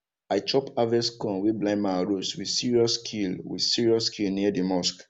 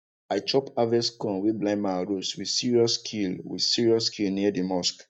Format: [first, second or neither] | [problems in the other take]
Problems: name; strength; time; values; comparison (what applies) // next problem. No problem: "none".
first | noise reduction (neural mask model DeepFilterNet 3)